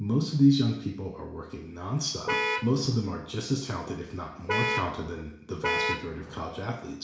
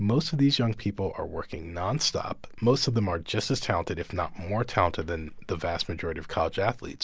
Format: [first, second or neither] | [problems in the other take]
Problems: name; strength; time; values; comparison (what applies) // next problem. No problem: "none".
second | background sound (Vehicle horn, car horn, honking); 1 dB below the speech // room echo; dies away in 0.7 s